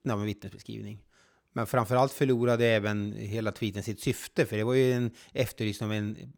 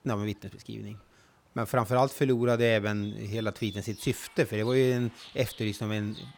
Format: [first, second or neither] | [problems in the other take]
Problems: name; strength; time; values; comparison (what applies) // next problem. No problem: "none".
first | animal sounds; noticeable; throughout; 20 dB below the speech